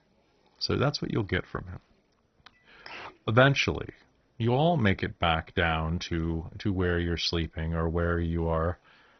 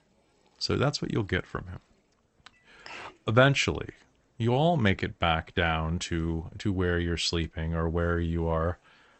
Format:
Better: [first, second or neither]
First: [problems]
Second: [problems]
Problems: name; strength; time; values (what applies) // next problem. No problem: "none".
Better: second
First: garbled, watery; badly; nothing above 6 kHz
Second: garbled, watery; slightly; nothing above 8 kHz